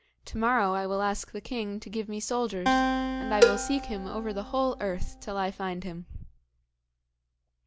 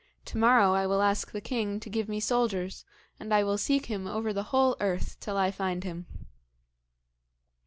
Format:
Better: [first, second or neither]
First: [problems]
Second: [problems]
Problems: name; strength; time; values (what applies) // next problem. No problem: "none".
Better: second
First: background sound (Acoustic guitar + Cowbell); 2 dB above the speech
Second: none